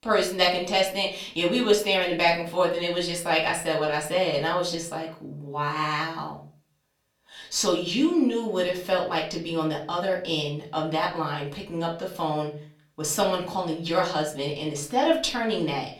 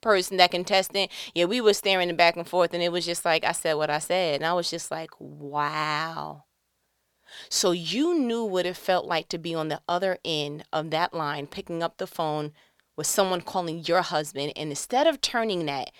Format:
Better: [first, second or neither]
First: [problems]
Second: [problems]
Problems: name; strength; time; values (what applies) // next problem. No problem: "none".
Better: second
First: room echo; slight; dies away in 0.4 s // off-mic speech; far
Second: none